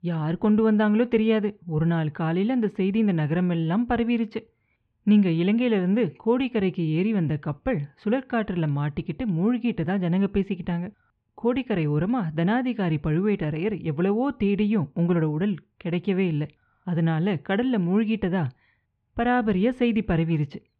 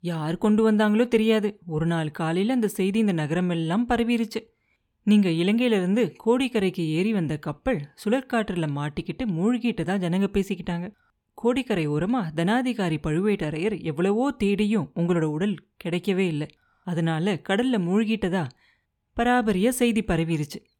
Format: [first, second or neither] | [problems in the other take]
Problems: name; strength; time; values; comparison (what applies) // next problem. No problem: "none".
second | muffled; slightly; fading above 3 kHz